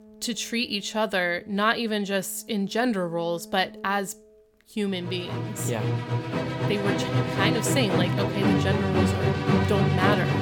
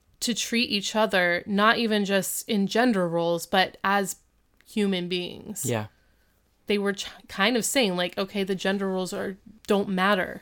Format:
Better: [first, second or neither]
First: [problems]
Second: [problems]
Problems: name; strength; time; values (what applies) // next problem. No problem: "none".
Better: second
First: background music; very loud; throughout; 2 dB above the speech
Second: none